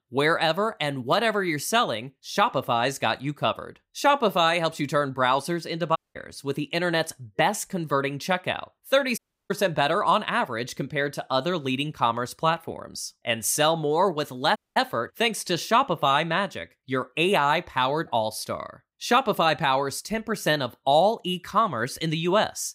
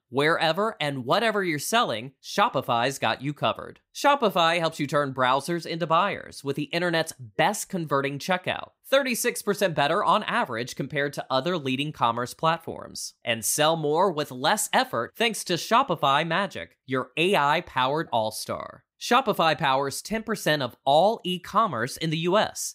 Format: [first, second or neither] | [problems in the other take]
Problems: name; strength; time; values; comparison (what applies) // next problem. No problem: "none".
second | audio cutting out; at 6 s, at 9 s and at 15 s